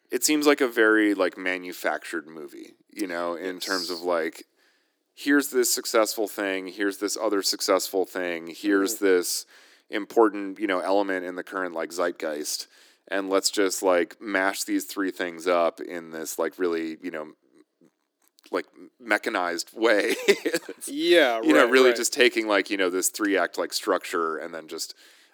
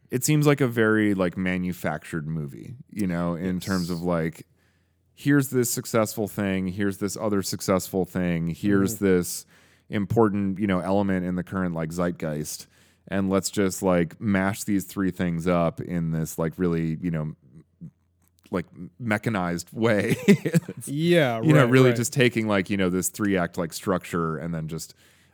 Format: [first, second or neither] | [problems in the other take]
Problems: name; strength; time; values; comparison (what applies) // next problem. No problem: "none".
second | thin; somewhat; fading below 300 Hz